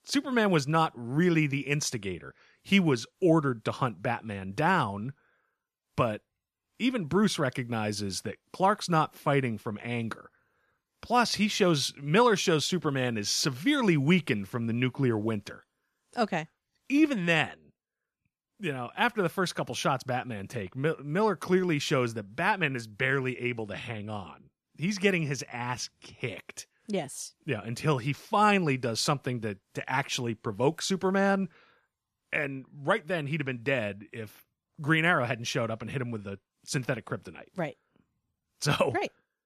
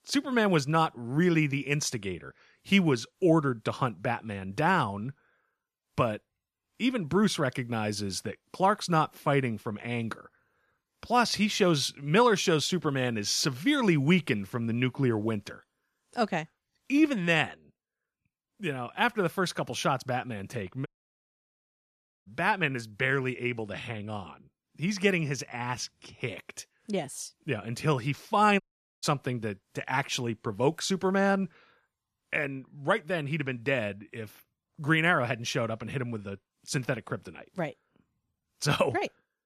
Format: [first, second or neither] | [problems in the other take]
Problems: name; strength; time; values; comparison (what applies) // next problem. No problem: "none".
first | audio cutting out; at 21 s for 1.5 s and at 29 s